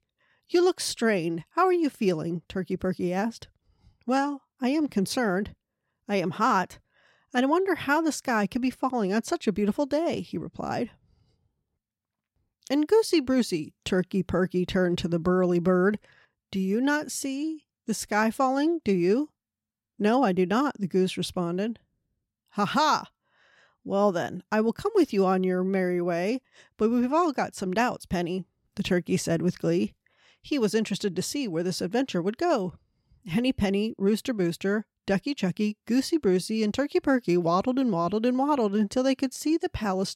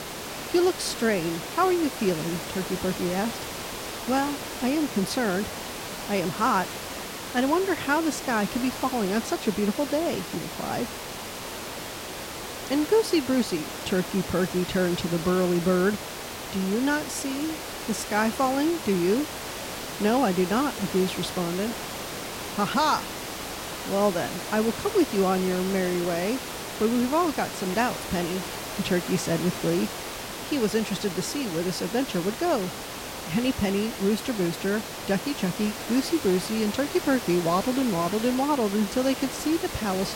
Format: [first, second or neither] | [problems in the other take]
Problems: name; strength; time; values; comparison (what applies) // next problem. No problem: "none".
first | hiss; loud; throughout; 7 dB below the speech